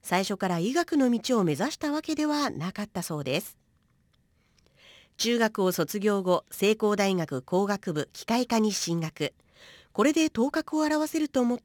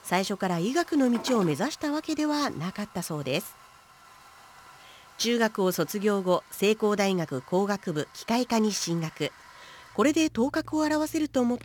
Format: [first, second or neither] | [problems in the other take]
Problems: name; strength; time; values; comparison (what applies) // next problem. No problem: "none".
first | household noises; faint; throughout; 20 dB below the speech